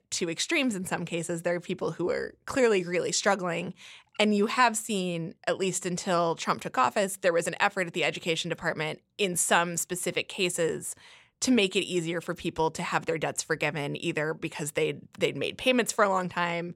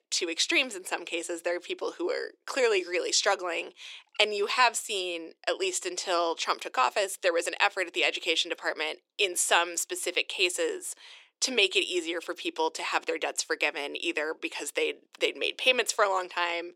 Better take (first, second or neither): first